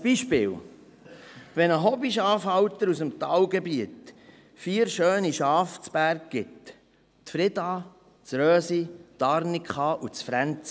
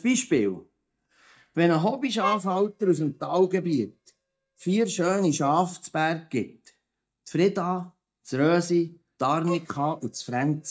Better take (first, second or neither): first